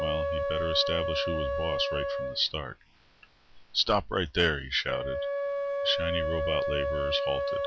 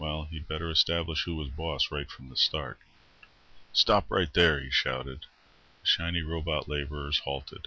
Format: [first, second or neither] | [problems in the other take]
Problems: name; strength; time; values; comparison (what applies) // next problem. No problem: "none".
second | background sound (Wind instrument, woodwind instrument); as loud as the speech